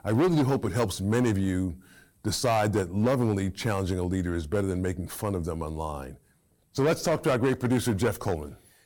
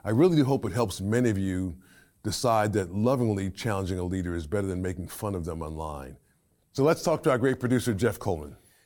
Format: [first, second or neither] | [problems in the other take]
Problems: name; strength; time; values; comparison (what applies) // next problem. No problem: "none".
second | distortion; slight; 7% of the sound clipped